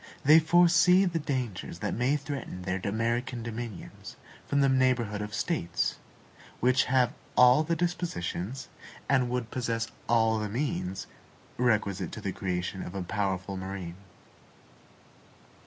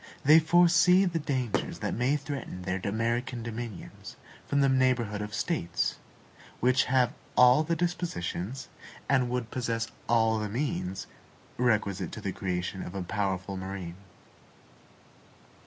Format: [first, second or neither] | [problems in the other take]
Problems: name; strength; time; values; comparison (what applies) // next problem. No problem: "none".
first | background sound (Fireworks); 13 dB below the speech